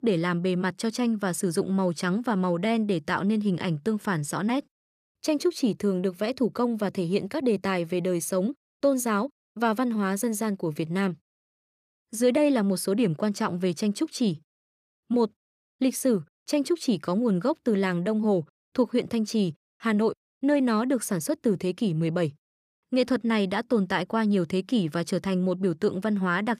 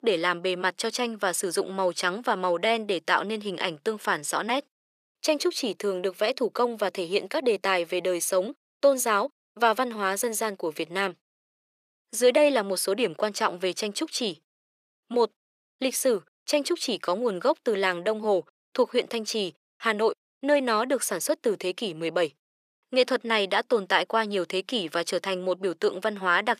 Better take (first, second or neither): first